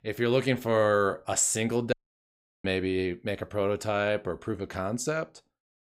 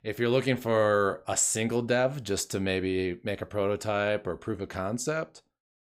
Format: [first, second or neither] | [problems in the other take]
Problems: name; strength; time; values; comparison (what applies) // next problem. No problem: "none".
second | audio cutting out; at 2 s for 0.5 s